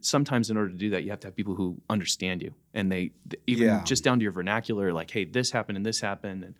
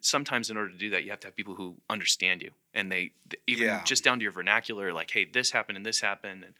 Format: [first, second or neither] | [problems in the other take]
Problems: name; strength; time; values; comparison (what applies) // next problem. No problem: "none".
first | thin; somewhat; fading below 900 Hz